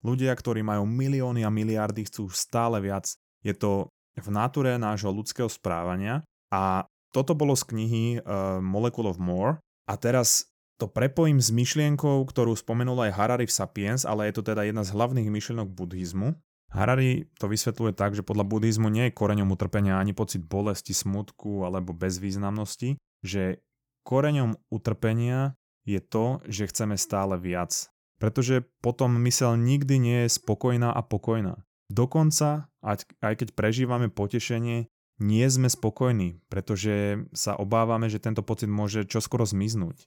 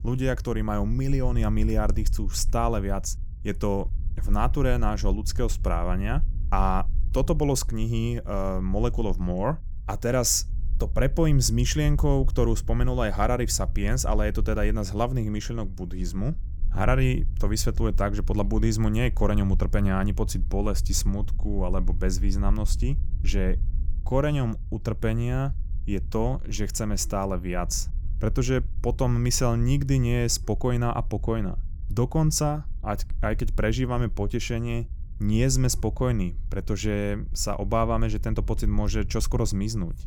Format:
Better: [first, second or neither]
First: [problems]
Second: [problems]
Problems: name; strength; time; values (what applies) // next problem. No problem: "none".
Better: first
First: none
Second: low rumble; faint; throughout; 25 dB below the speech